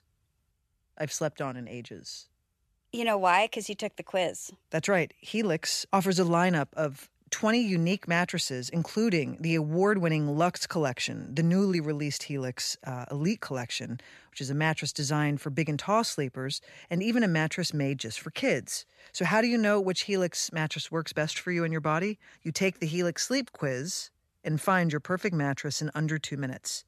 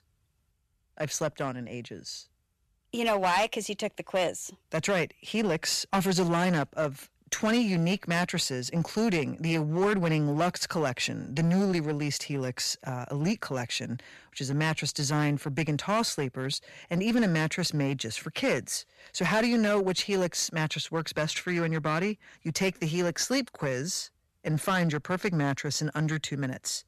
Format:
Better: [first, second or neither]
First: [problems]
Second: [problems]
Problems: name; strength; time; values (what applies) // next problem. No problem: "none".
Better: first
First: none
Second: distortion; slight; 7% of the sound clipped